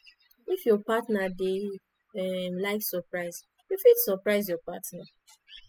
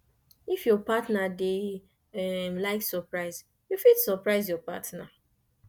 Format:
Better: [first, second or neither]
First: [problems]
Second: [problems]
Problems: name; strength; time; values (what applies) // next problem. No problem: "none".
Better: second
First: noise reduction (classical method spectral subtraction)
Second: none